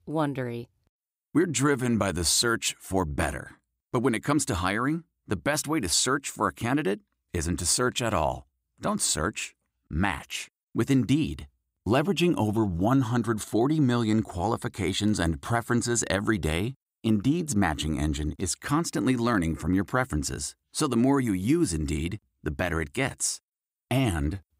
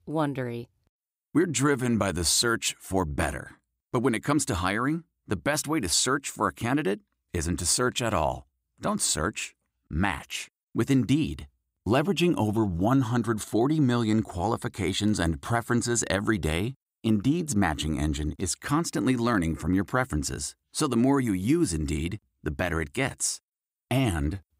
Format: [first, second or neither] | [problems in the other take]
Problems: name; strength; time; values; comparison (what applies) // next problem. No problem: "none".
neither | none